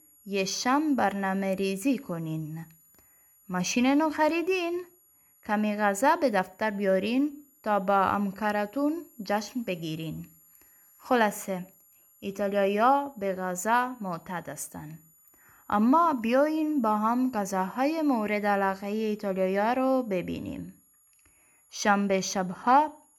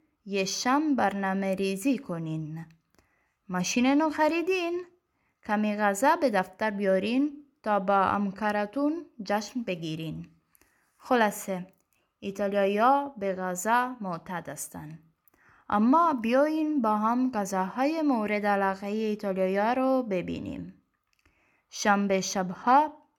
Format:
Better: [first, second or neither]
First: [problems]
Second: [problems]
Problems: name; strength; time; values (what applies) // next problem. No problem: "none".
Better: second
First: high-pitched whine; faint; throughout; 11.5 kHz, 30 dB below the speech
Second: none